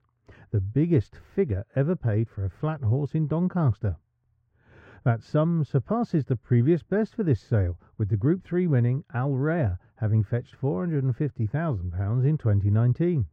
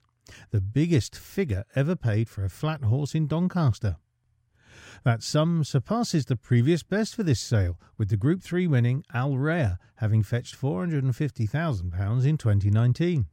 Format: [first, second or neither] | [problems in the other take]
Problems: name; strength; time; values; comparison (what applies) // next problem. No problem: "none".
second | muffled; very; fading above 3 kHz